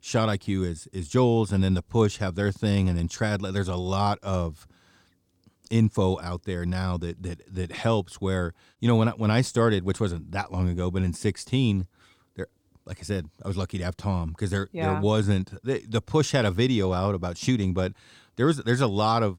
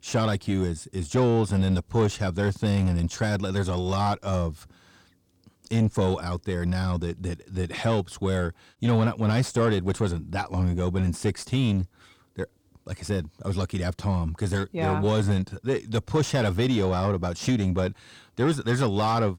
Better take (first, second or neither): first